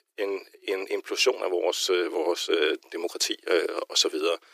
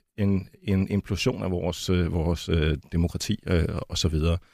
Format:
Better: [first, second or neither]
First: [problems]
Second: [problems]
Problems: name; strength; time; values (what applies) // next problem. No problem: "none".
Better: second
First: thin; very; fading below 350 Hz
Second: none